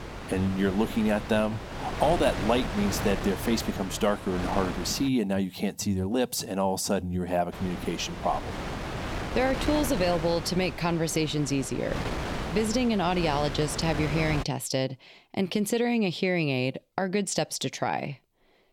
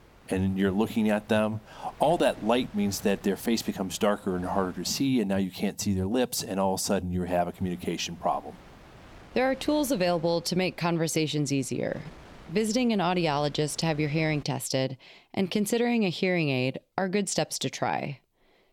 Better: second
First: wind noise on the microphone; heavy; until 5 s and from 7.5 to 14 s; 7 dB below the speech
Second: wind noise on the microphone; occasional gusts; until 5 s and from 7.5 to 14 s; 25 dB below the speech

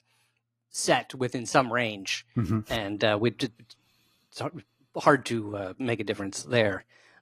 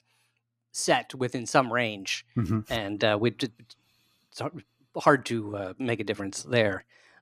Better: second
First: garbled, watery; slightly; nothing above 14.5 kHz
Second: none

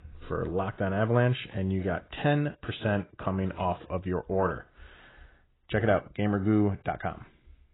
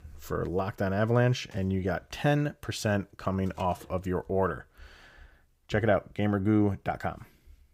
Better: second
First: garbled, watery; badly; nothing above 4 kHz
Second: none

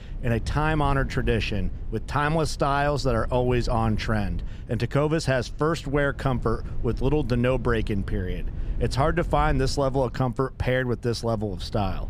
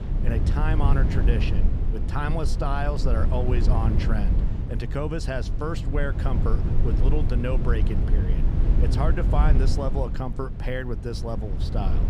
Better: first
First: low rumble; faint; throughout; 25 dB below the speech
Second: low rumble; loud; throughout; 6 dB below the speech

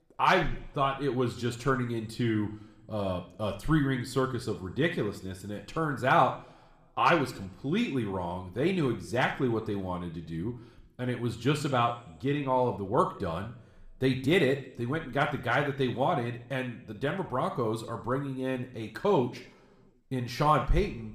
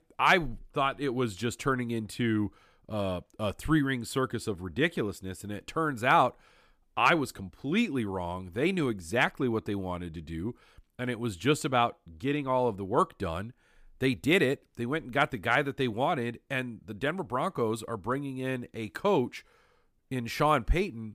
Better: second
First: room echo; slight; dies away in 0.5 s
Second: none

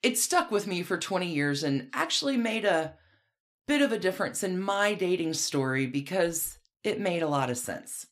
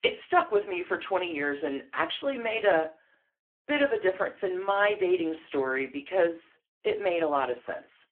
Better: first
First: none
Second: phone-call audio; poor line

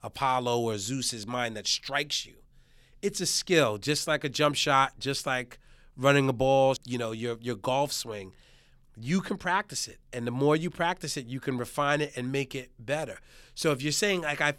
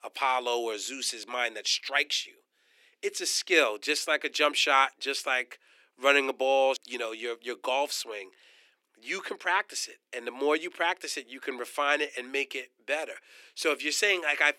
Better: first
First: none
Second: thin; somewhat; fading below 300 Hz

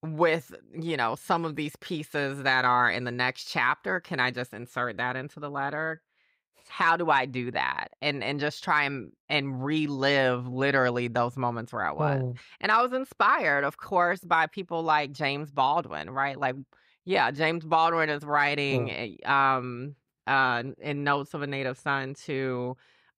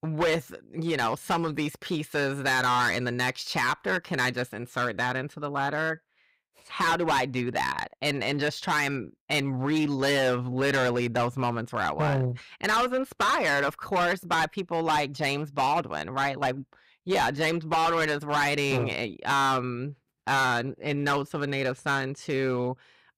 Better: first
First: none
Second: distortion; heavy; 11% of the sound clipped

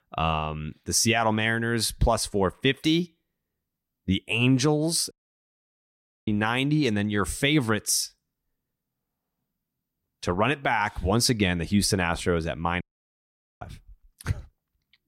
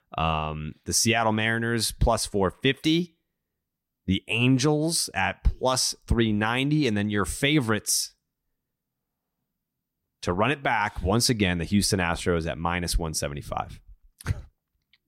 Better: second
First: audio cutting out; at 5 s for 1 s and at 13 s for 1 s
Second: none

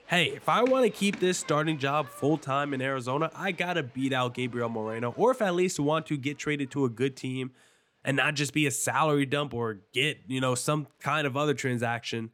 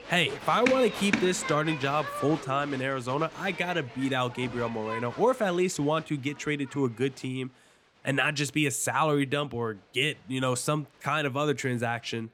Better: first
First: crowd noise; faint; throughout; 20 dB below the speech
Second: crowd noise; loud; throughout; 8 dB below the speech

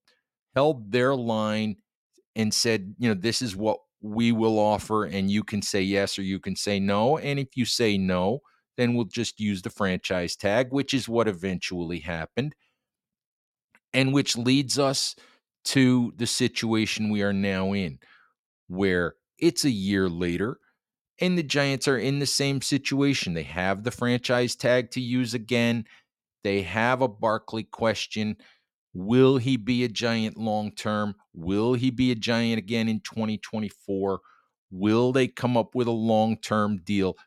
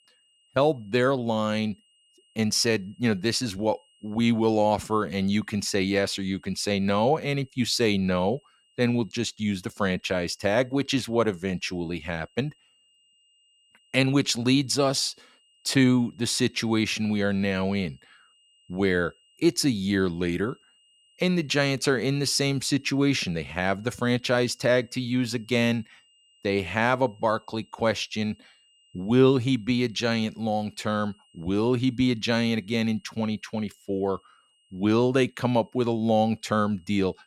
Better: first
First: none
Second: high-pitched whine; faint; throughout; 3 kHz, 35 dB below the speech

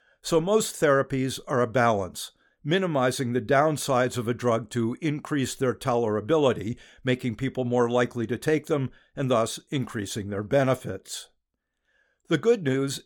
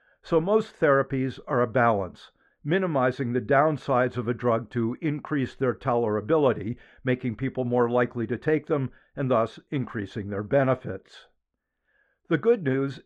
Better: first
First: none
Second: muffled; very; fading above 2 kHz

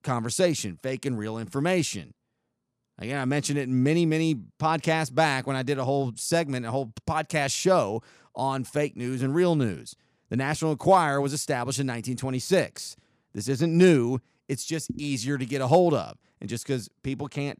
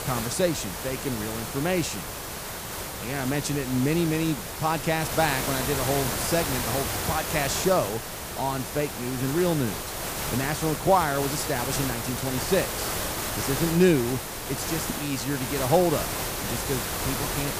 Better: first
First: none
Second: hiss; loud; throughout; 3 dB below the speech

